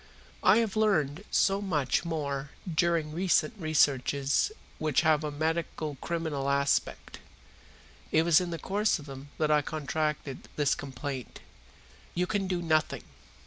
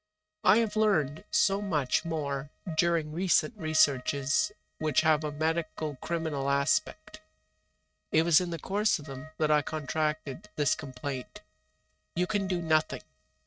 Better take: first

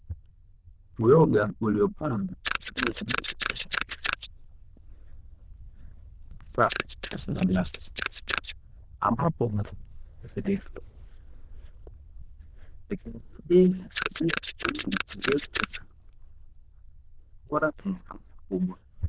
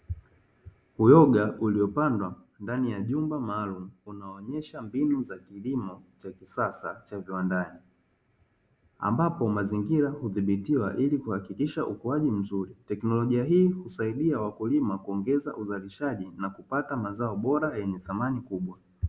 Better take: second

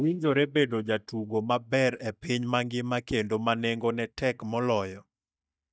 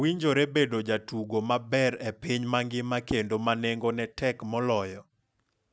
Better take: second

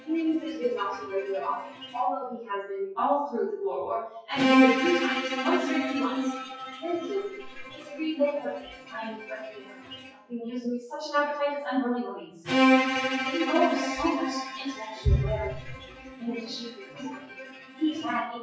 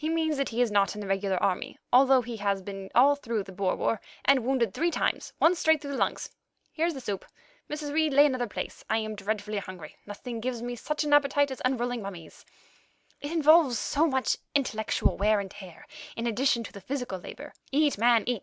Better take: second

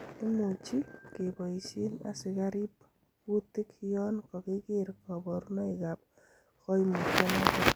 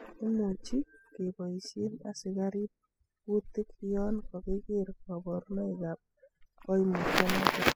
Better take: first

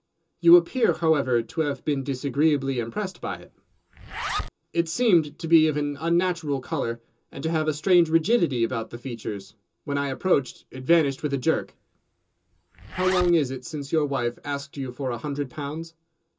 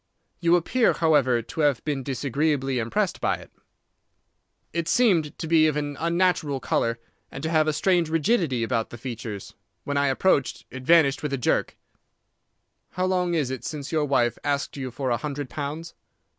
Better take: second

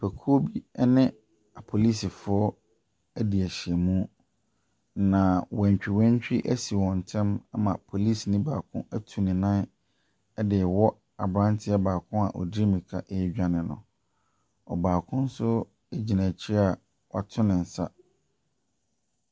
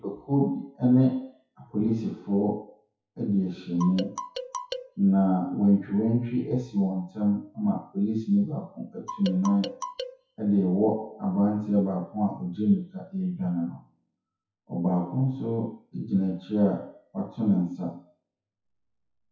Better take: first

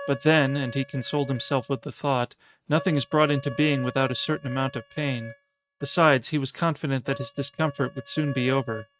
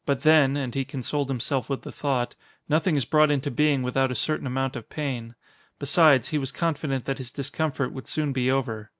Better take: second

